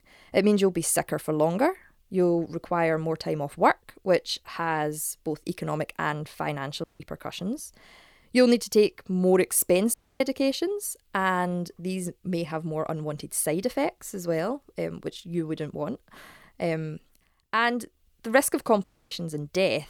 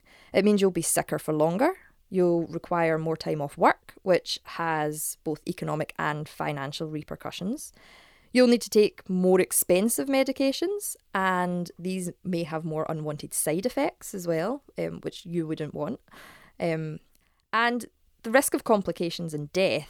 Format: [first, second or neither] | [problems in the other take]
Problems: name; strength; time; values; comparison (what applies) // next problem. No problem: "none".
second | audio cutting out; at 7 s, at 10 s and at 19 s